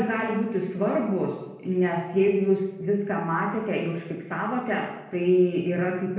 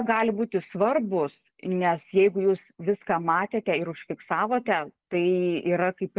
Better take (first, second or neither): second